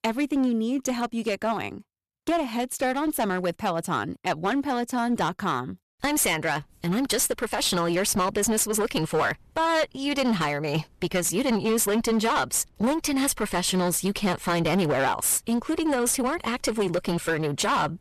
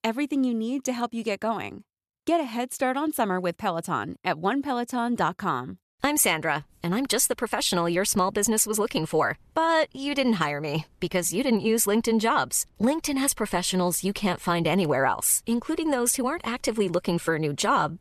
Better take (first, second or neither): second